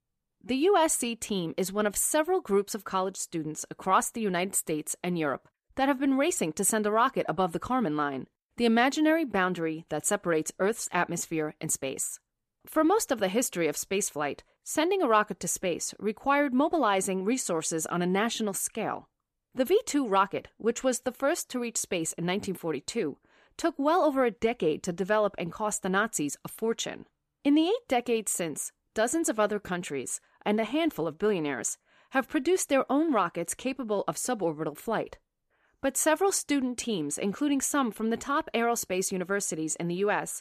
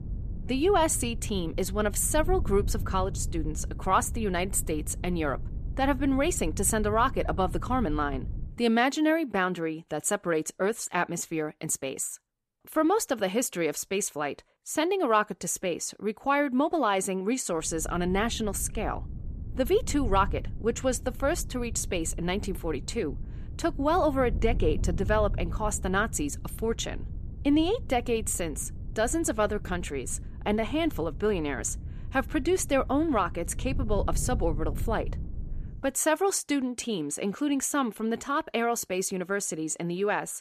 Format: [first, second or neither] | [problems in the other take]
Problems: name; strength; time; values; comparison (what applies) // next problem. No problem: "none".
first | wind noise on the microphone; occasional gusts; until 8.5 s and from 18 to 36 s; 20 dB below the speech